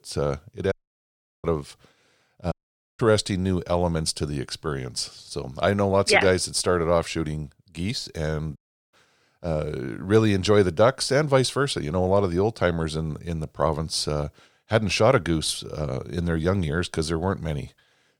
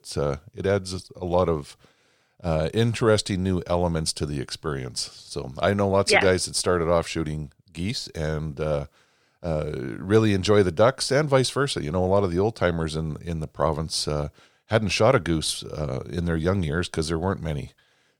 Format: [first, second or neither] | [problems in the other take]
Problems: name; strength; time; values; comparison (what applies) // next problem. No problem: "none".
second | audio cutting out; at 0.5 s for 0.5 s, at 2.5 s and at 8.5 s